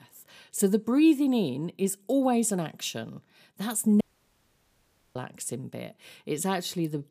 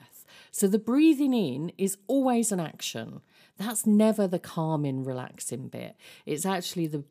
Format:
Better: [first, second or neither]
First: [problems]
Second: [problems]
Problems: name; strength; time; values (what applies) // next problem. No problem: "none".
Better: second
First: audio cutting out; at 4 s for 1 s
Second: none